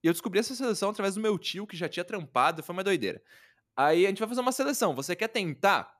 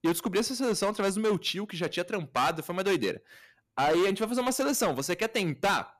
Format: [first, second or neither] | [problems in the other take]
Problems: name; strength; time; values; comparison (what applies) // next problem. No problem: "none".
first | distortion; heavy; 11% of the sound clipped